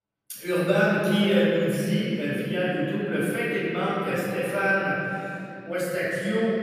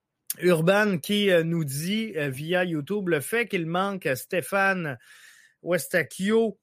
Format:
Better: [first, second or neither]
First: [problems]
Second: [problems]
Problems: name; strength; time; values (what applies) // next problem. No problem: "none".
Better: second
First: off-mic speech; far // room echo; strong; dies away in 2.7 s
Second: none